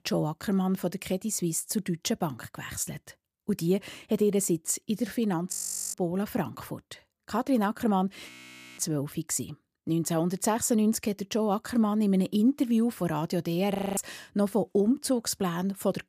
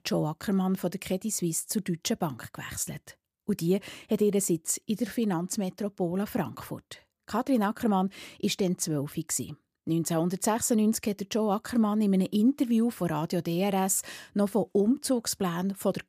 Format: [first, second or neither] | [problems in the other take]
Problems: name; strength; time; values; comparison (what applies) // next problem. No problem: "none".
second | audio freezing; at 5.5 s, at 8.5 s and at 14 s